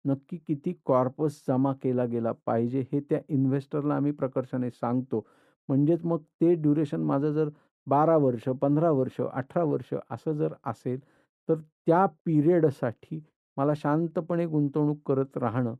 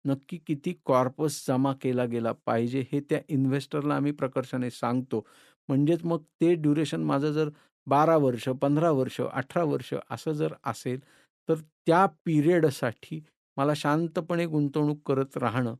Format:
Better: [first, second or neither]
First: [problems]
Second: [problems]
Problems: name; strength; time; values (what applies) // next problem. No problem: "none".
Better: second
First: muffled; slightly; fading above 1.5 kHz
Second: none